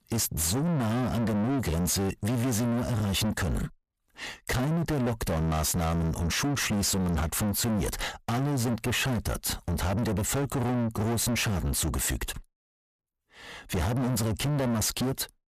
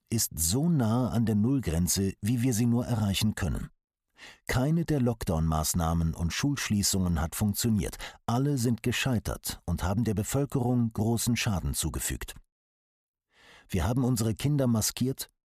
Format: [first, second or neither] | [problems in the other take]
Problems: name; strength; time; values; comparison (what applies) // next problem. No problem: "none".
second | distortion; heavy; 6 dB below the speech